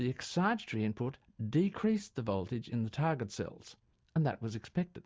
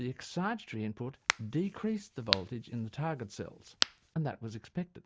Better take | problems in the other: first | background sound (Crack); 1 dB below the speech

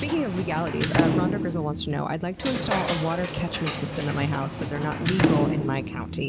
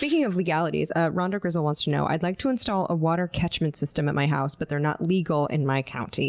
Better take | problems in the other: second | background sound (Sliding door / Slam); 1 dB above the speech

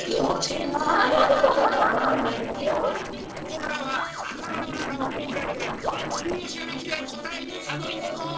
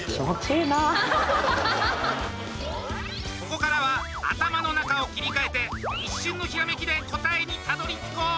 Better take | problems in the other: second | noise reduction (neural separator model SepFormer DNS4)

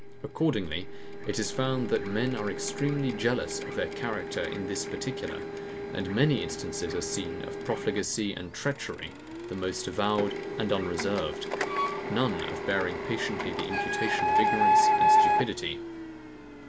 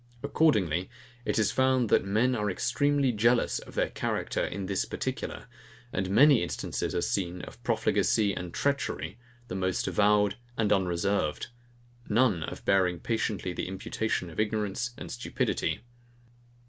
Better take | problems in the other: second | background sound (Printer); 1 dB above the speech

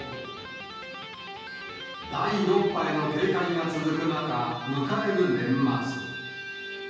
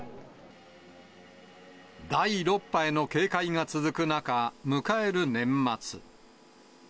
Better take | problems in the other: second | background sound (Electric guitar); 10 dB below the speech // room echo; dies away in 1.3 s

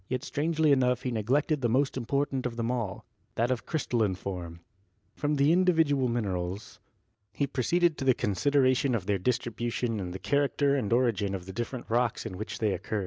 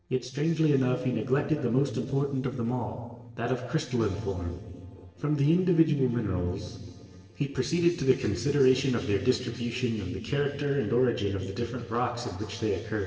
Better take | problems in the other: first | noise reduction (neural separator model SepFormer DNS4)

